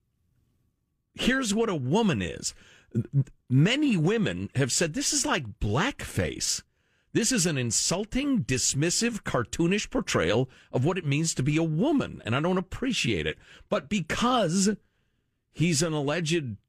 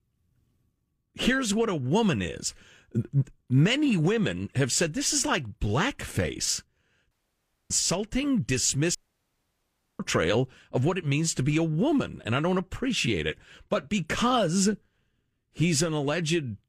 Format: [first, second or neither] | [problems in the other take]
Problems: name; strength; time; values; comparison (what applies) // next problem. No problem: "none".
first | audio cutting out; at 7 s for 0.5 s and at 9 s for 1 s